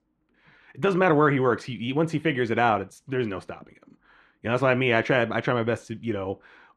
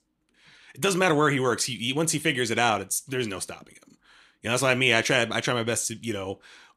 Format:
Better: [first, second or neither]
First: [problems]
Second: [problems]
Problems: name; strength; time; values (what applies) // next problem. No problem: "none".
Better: second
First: muffled; very; fading above 4 kHz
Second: none